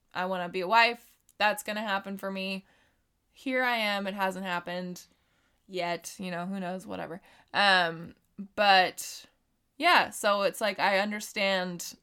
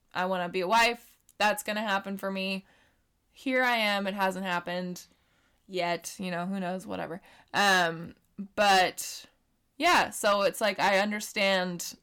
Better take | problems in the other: first | distortion; slight; 2% of the sound clipped

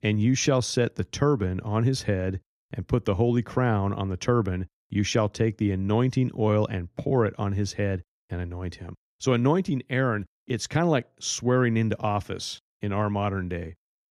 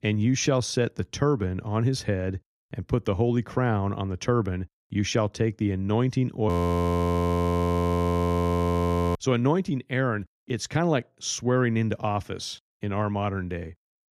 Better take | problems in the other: first | audio freezing; at 6.5 s for 2.5 s

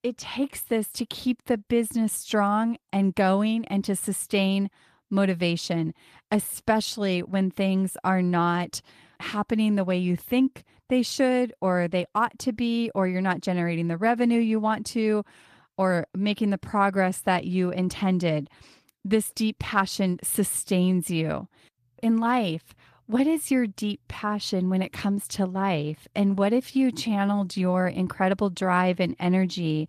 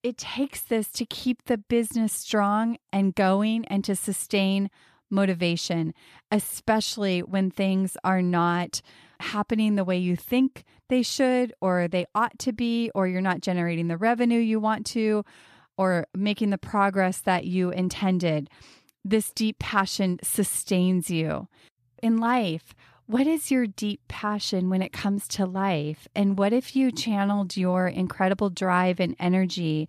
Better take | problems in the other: second | garbled, watery; slightly; nothing above 14.5 kHz

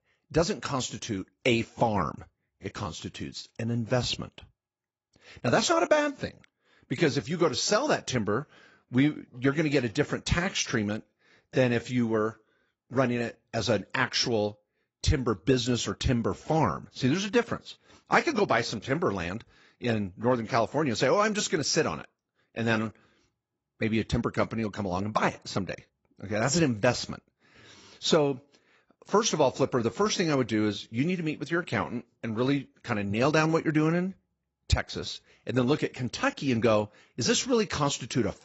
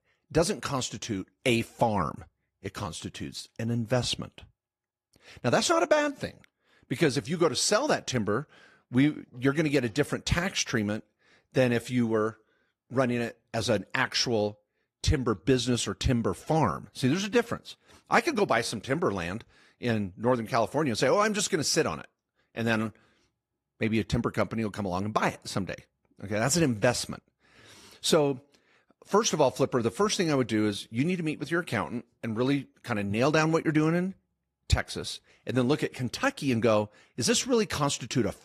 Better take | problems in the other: second | garbled, watery; badly; nothing above 7.5 kHz; slightly in the second

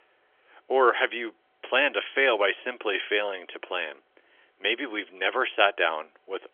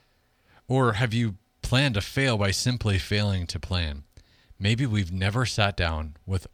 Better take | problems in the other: second | phone-call audio; nothing above 3.5 kHz

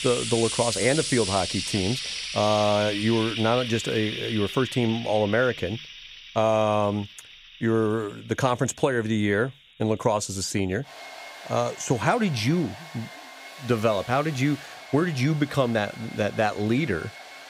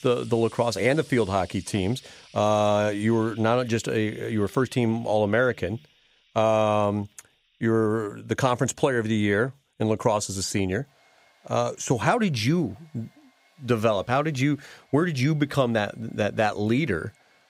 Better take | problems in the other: second | household noises; loud; throughout; 8 dB below the speech; faint in the second

